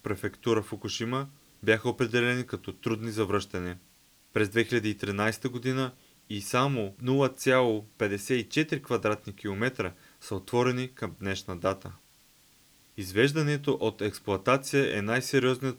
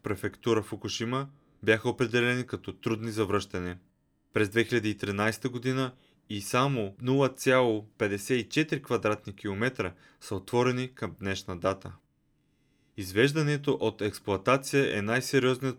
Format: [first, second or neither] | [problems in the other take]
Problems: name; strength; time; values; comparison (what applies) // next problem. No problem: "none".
second | hiss; faint; throughout; 30 dB below the speech